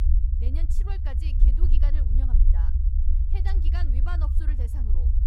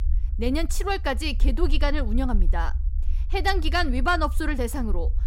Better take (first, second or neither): second